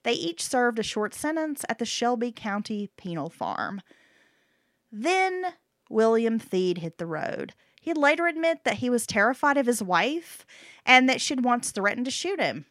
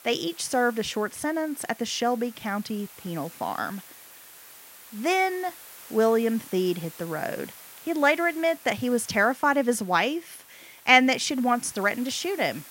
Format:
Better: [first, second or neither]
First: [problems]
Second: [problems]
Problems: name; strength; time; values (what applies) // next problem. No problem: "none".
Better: first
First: none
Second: hiss; noticeable; throughout; 20 dB below the speech